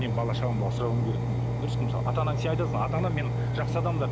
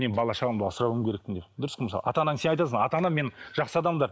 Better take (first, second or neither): second